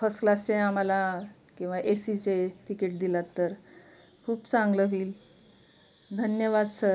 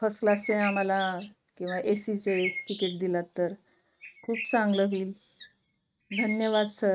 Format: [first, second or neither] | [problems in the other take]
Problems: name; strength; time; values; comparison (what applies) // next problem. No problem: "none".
first | noise reduction (neural mask model RNNoise)